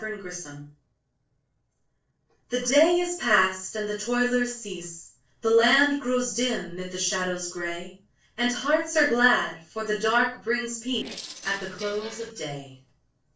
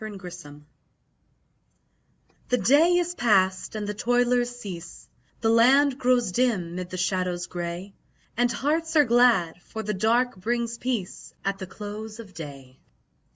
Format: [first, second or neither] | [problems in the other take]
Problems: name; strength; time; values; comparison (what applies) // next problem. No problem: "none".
second | noise reduction (neural separator model SepFormer DNS4)